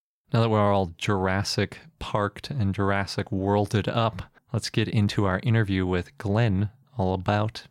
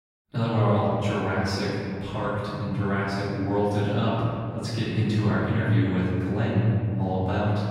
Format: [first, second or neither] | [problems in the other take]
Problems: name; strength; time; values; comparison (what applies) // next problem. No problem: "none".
first | off-mic speech; far // room echo; strong; dies away in 2.4 s